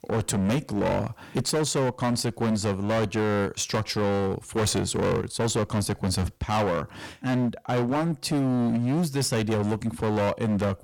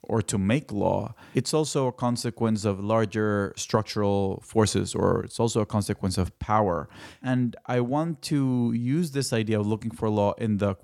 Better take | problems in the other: second | distortion; heavy; 23% of the sound clipped

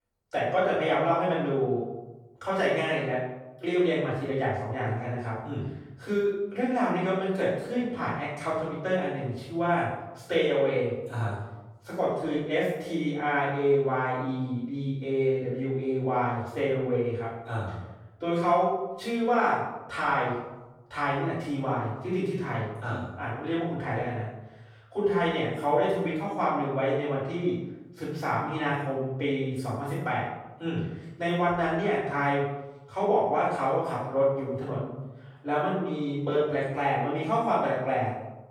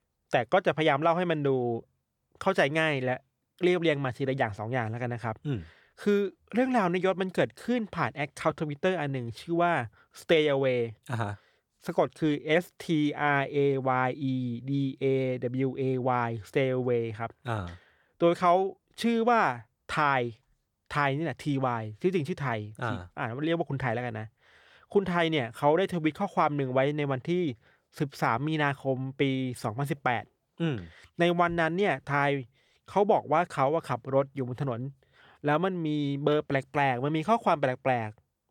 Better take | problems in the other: second | off-mic speech; far // room echo; strong; dies away in 0.8 s

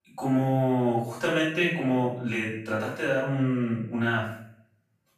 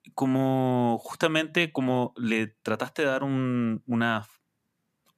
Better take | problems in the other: second | off-mic speech; far // room echo; noticeable; dies away in 0.6 s

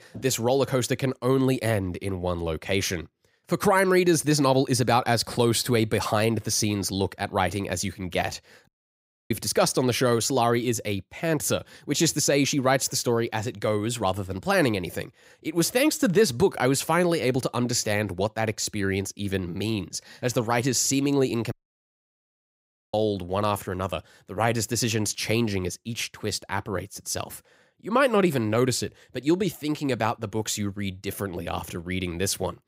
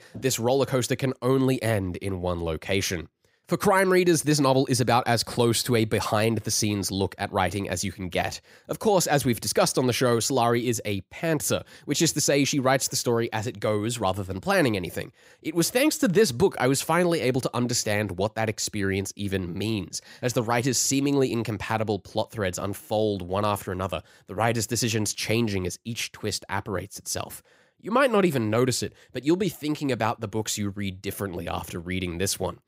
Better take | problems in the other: second | audio cutting out; at 8.5 s for 0.5 s and at 22 s for 1.5 s

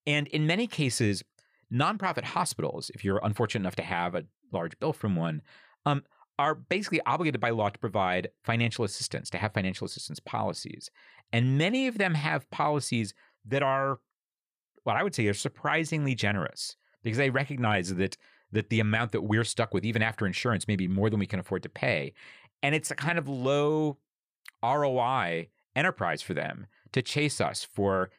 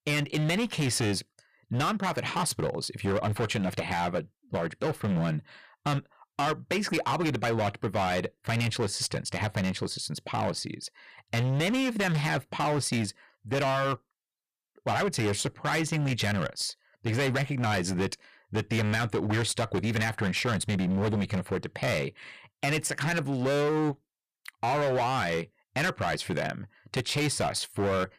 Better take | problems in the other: first | distortion; heavy; 18% of the sound clipped

